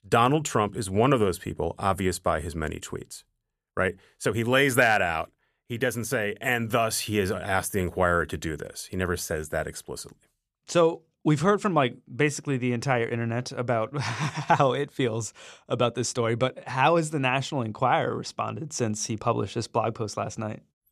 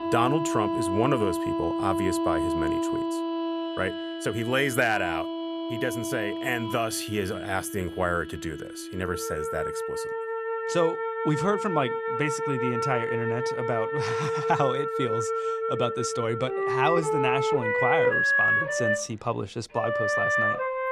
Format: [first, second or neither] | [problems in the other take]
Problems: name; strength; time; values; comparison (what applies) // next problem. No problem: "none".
first | background music; very loud; throughout; 1 dB above the speech